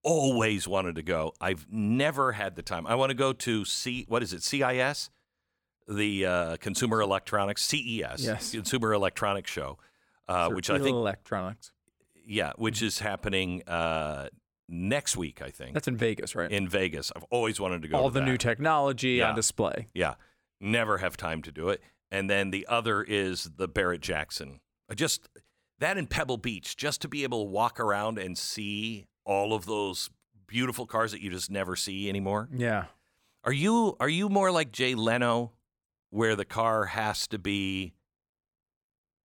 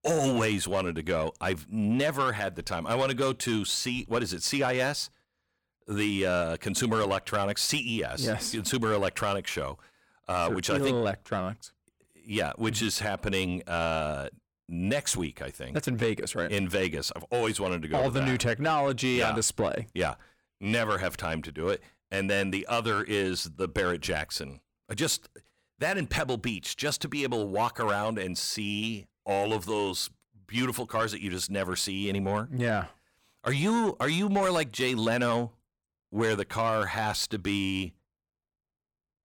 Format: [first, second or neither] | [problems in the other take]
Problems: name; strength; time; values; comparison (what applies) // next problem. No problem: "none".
first | distortion; slight; 10 dB below the speech